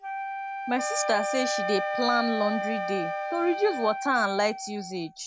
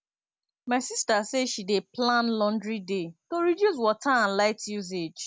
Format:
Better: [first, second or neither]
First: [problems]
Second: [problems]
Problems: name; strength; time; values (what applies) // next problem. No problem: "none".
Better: second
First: background sound (Wind instrument, woodwind instrument + Wind instrument, woodwind instrument); 3 dB below the speech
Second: none